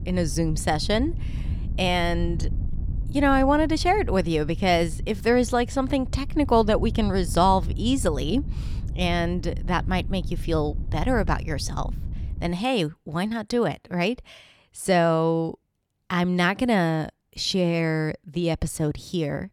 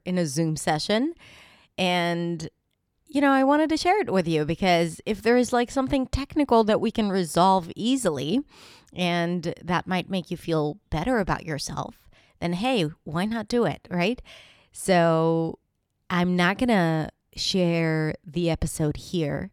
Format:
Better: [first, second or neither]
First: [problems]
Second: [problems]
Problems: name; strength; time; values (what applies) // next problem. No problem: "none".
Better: second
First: wind noise on the microphone; occasional gusts; until 13 s; 20 dB below the speech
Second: none